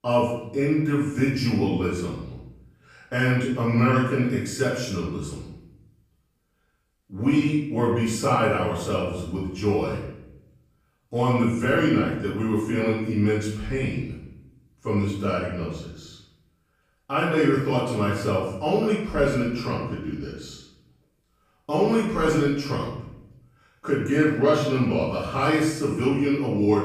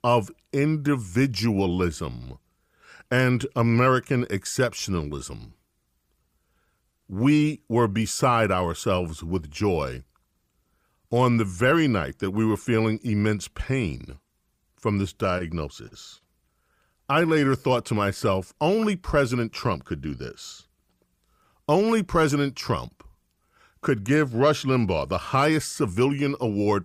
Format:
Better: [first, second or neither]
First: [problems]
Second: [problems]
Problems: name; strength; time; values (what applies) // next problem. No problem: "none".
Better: second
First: room echo; noticeable; dies away in 0.7 s // off-mic speech; far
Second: none